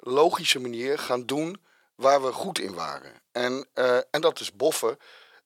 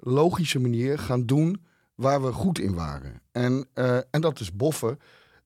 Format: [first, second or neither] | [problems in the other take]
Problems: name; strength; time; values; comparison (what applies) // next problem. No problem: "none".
second | thin; very; fading below 550 Hz